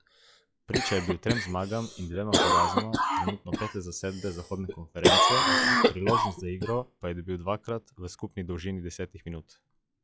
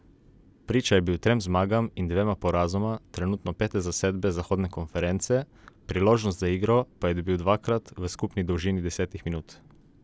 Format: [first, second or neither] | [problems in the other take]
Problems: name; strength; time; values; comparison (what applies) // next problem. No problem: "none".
second | noise reduction (classical method log-MMSE)